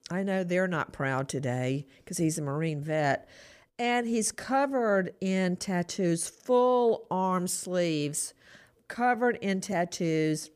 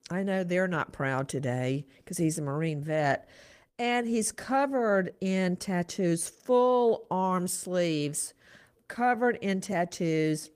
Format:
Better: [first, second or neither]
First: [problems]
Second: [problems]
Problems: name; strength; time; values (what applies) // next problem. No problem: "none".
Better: first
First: none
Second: garbled, watery; slightly; nothing above 15 kHz